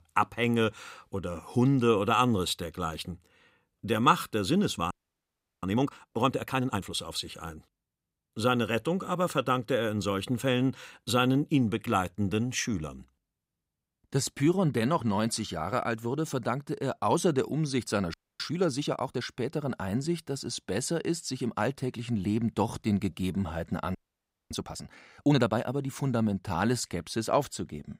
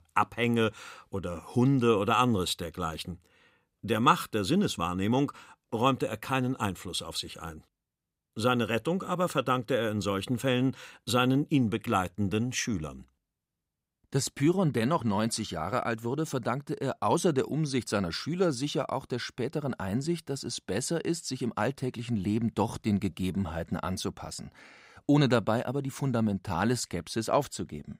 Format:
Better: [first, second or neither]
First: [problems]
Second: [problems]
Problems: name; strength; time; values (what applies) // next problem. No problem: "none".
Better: second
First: audio freezing; at 5 s for 0.5 s, at 18 s and at 24 s for 0.5 s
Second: none